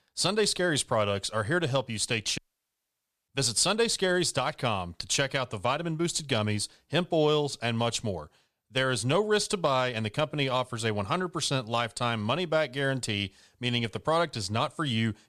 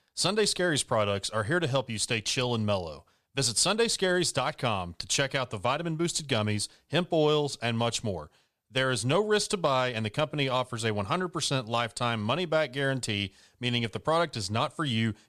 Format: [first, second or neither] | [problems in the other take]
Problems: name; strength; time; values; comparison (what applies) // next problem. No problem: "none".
second | audio cutting out; at 2.5 s for 1 s